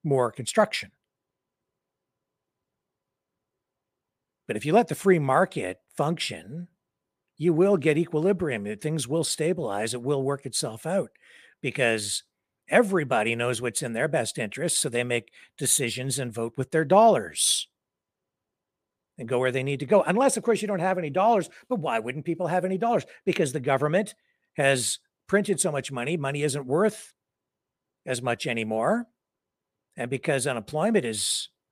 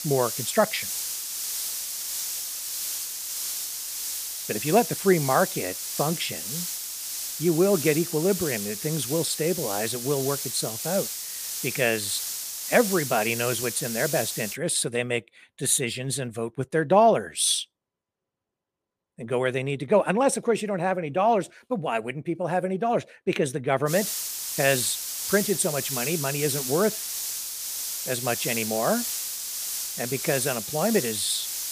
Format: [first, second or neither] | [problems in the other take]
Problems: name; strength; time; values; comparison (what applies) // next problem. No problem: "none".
first | hiss; loud; until 15 s and from 24 s on; 4 dB below the speech